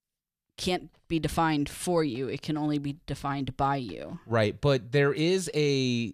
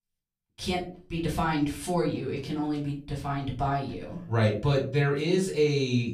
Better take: first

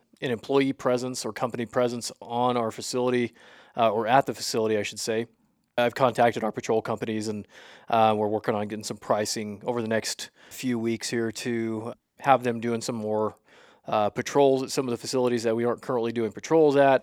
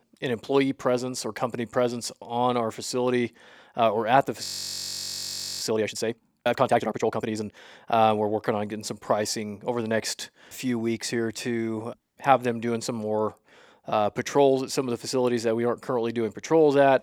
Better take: first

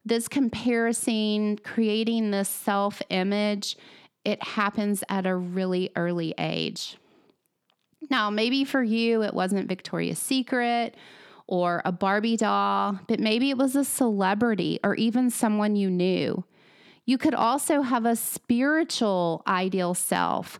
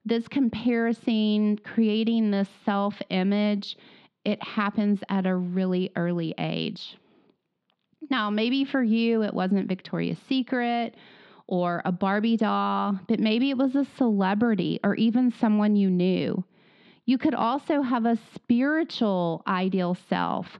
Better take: first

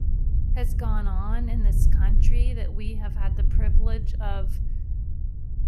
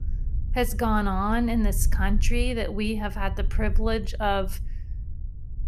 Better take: second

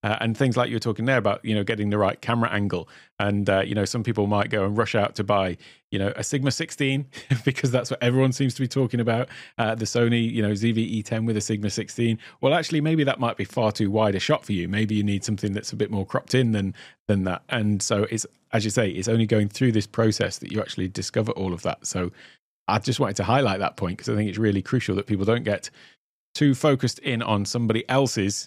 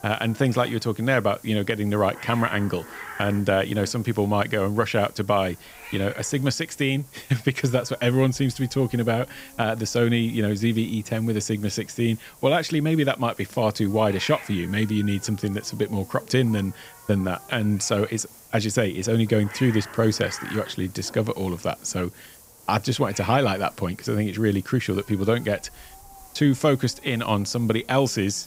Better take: first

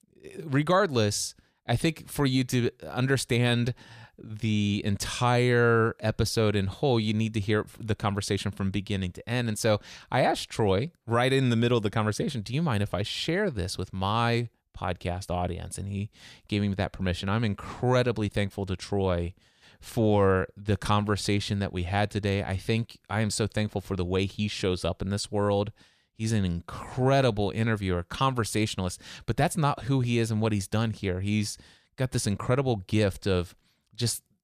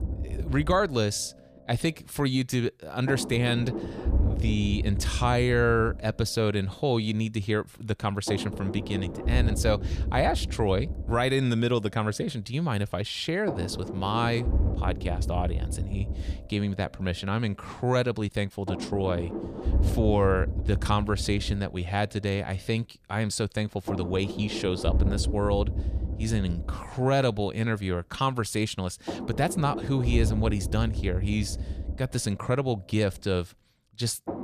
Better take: first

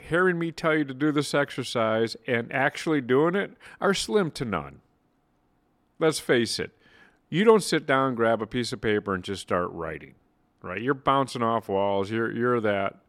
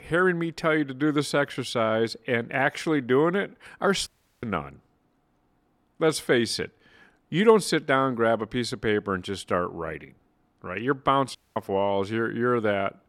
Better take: first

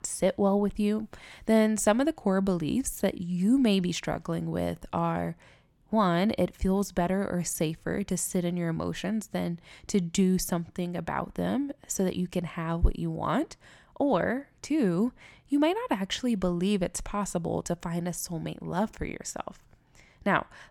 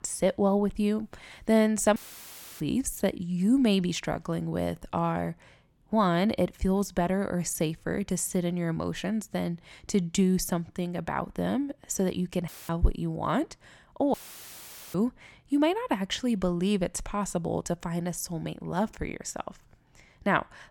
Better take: first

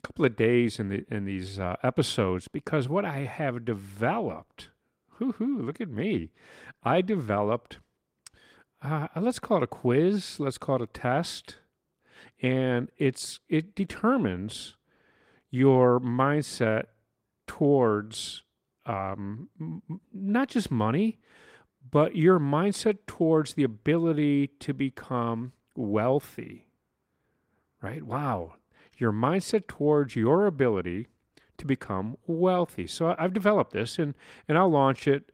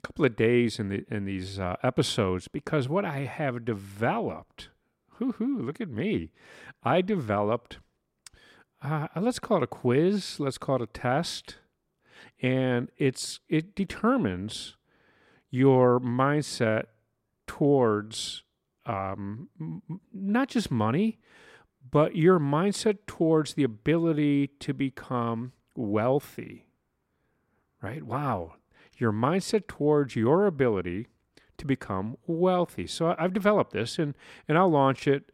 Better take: second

